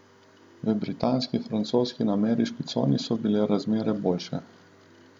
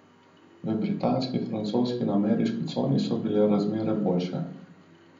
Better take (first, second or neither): first